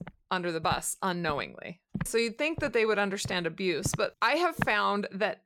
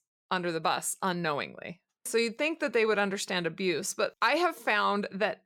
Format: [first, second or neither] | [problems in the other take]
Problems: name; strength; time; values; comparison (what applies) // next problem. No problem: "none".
second | footsteps; noticeable; until 4.5 s; peak 6 dB below the speech